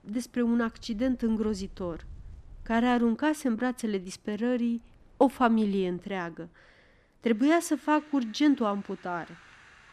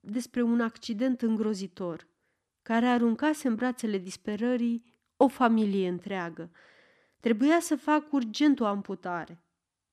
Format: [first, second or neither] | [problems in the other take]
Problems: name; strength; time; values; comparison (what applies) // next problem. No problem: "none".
second | wind in the background; faint; throughout; 25 dB below the speech